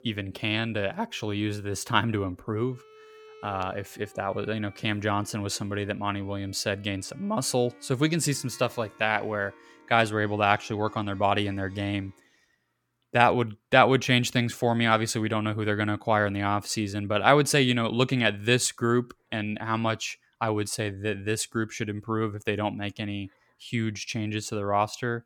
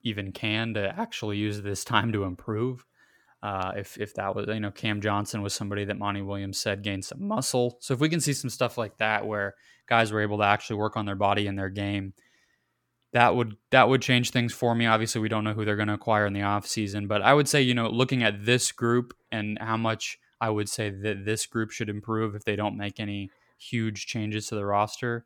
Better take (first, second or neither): second